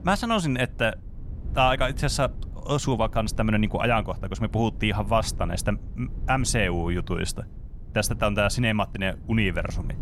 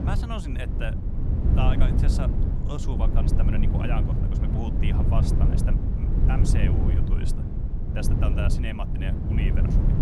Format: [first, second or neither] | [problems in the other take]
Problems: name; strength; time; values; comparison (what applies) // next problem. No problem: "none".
first | low rumble; loud; throughout; 1 dB below the speech; faint in the first